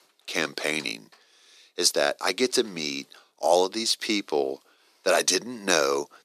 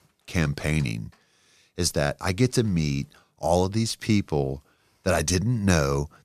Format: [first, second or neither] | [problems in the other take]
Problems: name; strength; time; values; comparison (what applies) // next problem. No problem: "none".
second | thin; somewhat; fading below 300 Hz